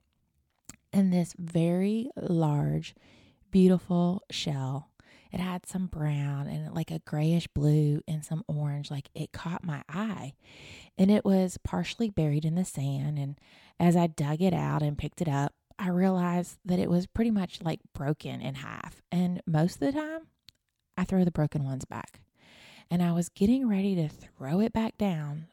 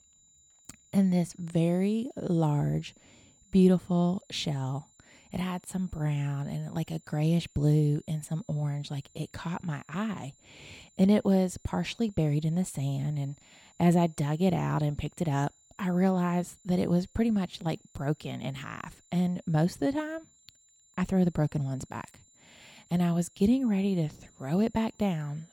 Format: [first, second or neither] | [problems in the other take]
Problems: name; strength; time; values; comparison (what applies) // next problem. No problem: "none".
first | high-pitched whine; faint; throughout; 7 kHz, 30 dB below the speech